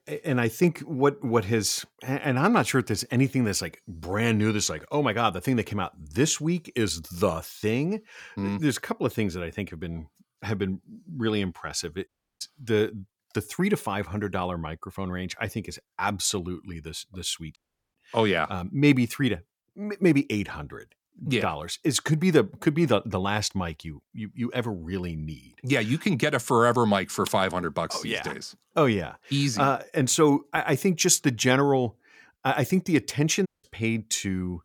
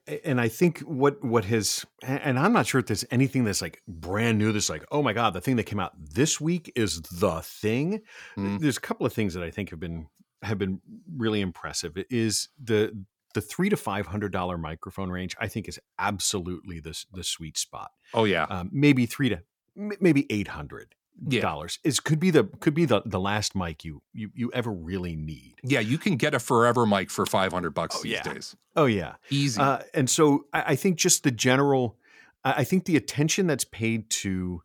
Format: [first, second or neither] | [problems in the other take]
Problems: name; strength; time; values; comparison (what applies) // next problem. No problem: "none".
second | audio cutting out; at 12 s, at 18 s and at 33 s